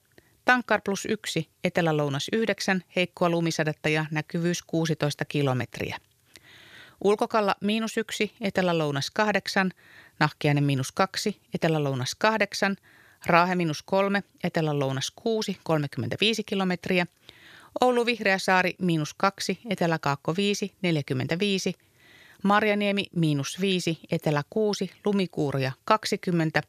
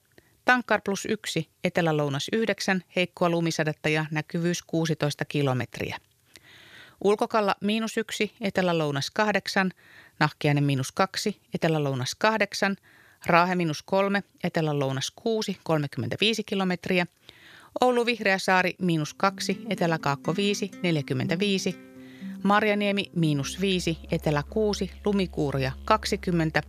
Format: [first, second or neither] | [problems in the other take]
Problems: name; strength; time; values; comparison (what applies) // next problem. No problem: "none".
first | background music; noticeable; from 19 s on; 15 dB below the speech